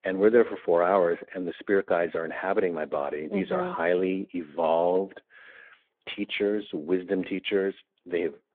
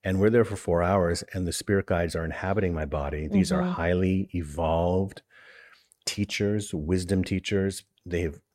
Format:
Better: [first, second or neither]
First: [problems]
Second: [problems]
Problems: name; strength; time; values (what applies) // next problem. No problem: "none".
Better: second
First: phone-call audio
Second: none